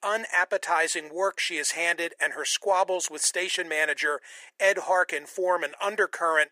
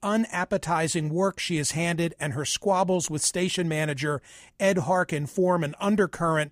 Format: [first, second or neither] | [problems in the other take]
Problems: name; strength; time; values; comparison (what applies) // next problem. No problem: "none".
second | thin; very; fading below 400 Hz